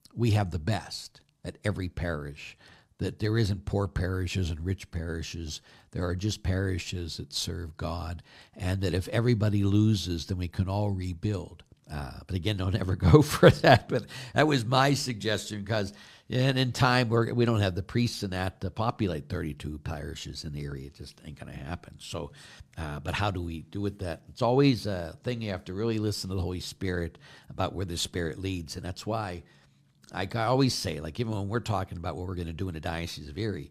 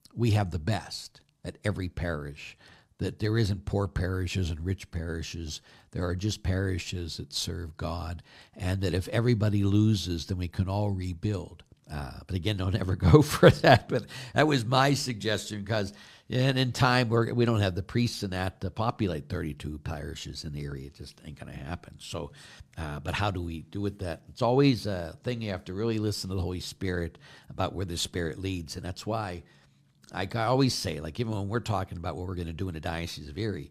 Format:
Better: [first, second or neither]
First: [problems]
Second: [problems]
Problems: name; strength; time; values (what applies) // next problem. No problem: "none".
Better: neither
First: none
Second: none